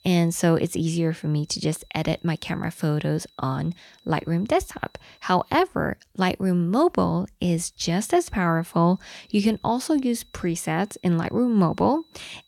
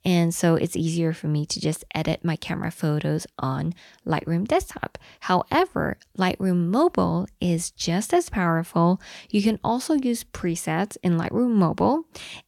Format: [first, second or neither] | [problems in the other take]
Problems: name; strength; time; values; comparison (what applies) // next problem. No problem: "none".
second | high-pitched whine; faint; until 5.5 s and from 8 s on; 4 kHz, 35 dB below the speech